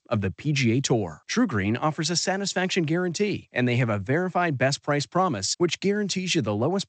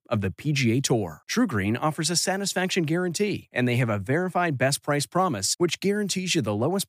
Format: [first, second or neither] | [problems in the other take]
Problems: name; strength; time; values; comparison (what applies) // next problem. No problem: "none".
second | garbled, watery; slightly; nothing above 8 kHz